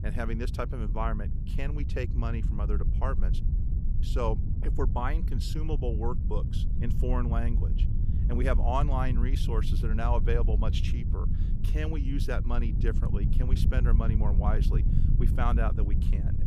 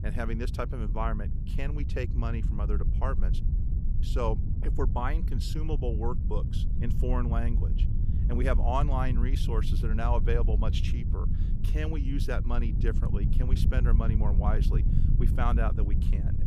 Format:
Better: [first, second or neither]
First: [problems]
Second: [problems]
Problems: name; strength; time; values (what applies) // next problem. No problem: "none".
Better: neither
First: wind noise on the microphone; heavy; 8 dB below the speech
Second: wind noise on the microphone; heavy; 8 dB below the speech